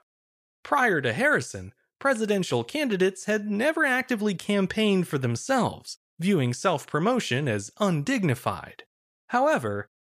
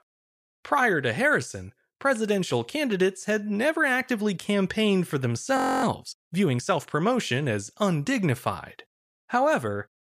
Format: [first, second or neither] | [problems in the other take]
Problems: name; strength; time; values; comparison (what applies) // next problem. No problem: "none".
first | audio freezing; at 5.5 s